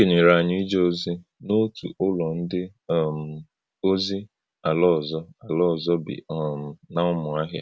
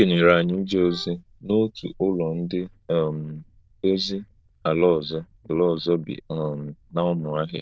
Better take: first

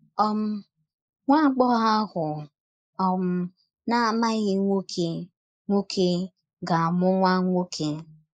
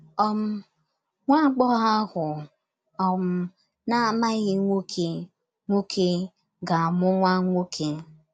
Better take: second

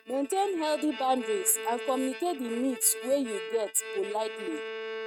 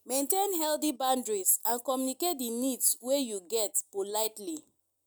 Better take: second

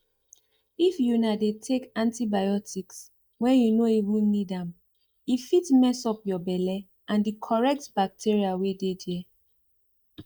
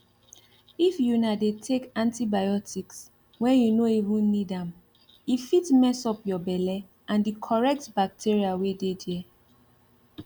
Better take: second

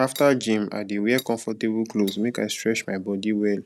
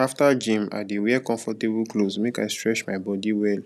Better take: second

